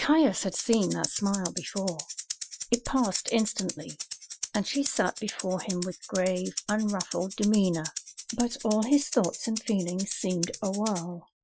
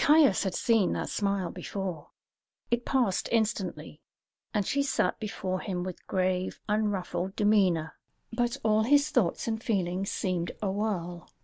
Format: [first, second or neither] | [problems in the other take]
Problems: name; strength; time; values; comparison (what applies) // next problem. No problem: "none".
second | noise reduction (classical method Wiener filter)